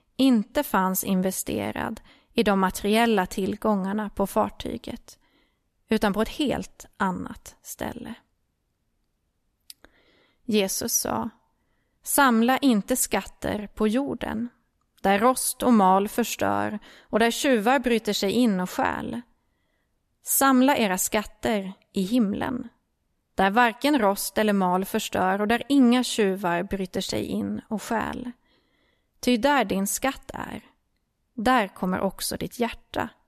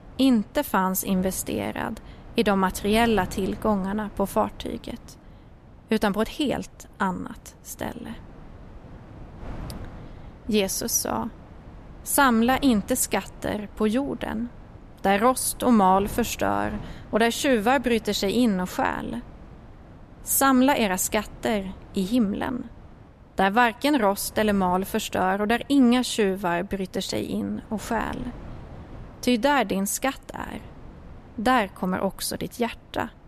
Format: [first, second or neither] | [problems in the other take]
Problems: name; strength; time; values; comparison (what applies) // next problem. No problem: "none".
first | wind noise on the microphone; occasional gusts; 25 dB below the speech